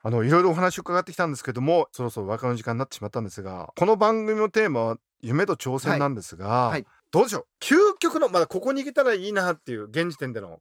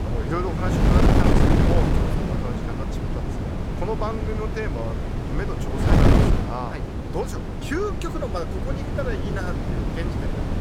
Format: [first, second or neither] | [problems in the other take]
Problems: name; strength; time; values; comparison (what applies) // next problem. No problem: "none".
first | wind noise on the microphone; heavy; 2 dB above the speech